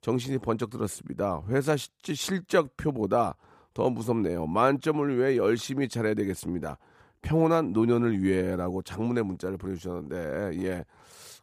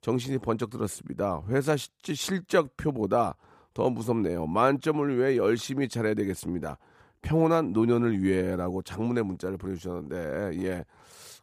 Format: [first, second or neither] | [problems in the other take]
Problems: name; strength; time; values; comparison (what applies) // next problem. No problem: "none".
neither | none